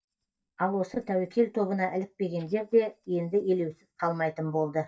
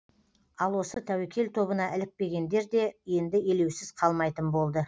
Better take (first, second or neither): second